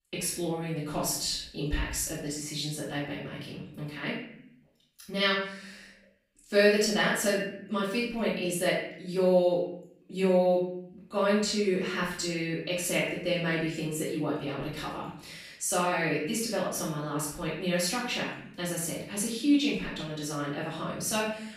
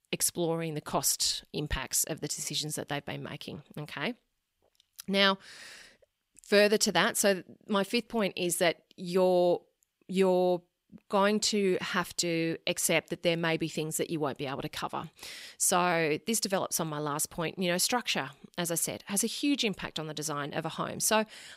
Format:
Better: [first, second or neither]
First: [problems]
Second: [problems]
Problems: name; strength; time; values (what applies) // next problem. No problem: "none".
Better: second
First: off-mic speech; far // room echo; noticeable; dies away in 0.7 s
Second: none